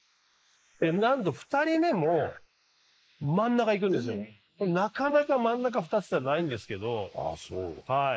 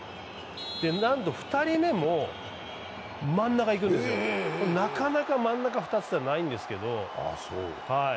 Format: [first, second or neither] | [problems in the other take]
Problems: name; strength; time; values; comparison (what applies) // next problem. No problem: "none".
second | noise reduction (neural mask model Resemble Enhance denoiser)